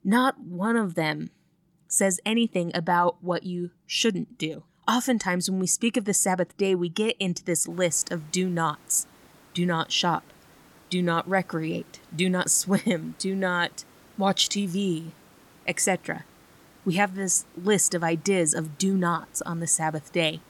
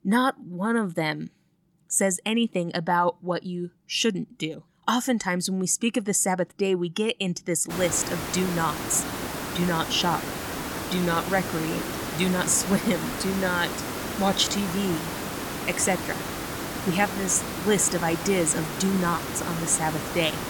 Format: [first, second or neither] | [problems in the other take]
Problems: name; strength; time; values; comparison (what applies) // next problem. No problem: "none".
first | hiss; loud; from 7.5 s on; 6 dB below the speech; faint in the first